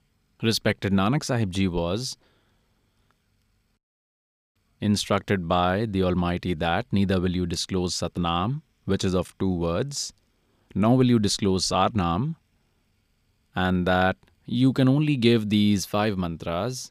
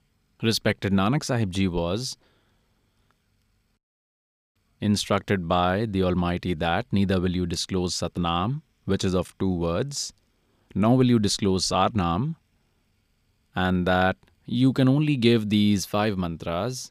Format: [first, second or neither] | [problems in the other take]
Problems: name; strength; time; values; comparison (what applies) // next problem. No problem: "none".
neither | none